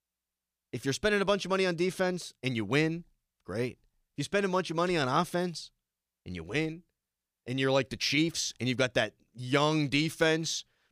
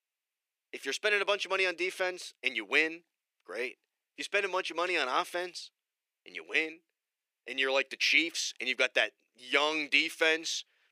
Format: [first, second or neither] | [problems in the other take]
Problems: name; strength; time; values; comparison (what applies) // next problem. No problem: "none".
first | thin; very; fading below 350 Hz